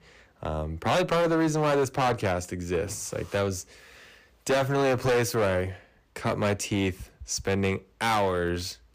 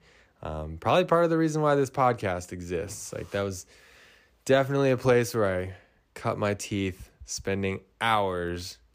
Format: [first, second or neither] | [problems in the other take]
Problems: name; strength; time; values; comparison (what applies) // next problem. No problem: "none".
second | distortion; heavy; 10% of the sound clipped